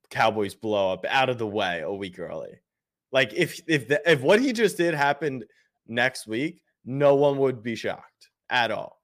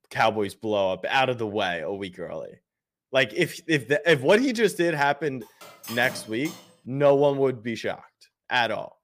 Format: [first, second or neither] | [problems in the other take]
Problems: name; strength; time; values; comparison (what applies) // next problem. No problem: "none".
first | clattering dishes; faint; from 5.5 to 6.5 s; peak 10 dB below the speech